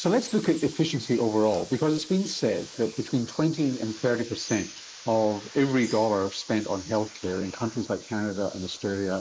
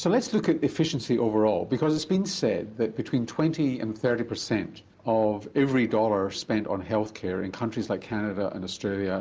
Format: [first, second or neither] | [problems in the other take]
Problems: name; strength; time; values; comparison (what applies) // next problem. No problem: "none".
second | noise reduction (neural mask model Resemble Enhance denoiser)